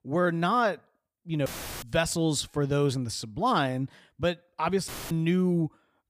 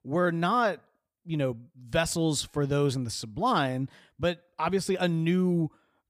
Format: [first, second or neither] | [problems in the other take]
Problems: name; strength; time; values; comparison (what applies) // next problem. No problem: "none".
second | audio cutting out; filled with static; at 1.5 s and at 5 s